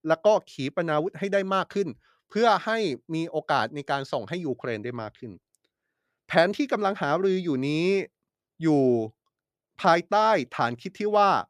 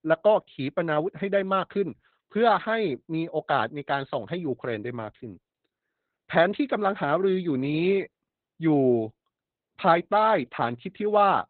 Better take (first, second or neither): first